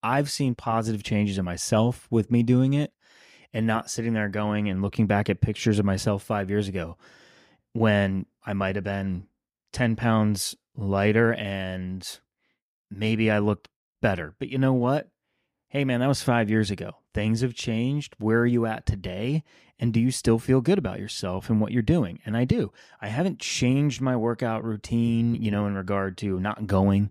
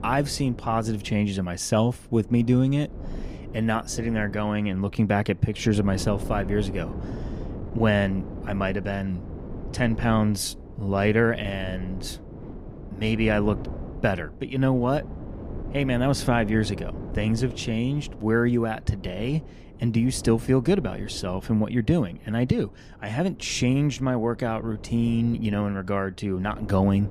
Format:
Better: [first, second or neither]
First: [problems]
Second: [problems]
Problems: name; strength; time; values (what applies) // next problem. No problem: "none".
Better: first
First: none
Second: wind noise on the microphone; occasional gusts; 15 dB below the speech